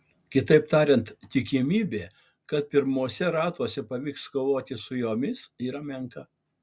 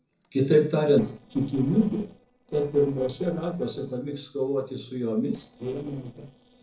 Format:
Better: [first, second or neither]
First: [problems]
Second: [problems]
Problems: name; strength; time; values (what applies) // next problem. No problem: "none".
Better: first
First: none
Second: noise reduction (neural separator model SepFormer DNS4)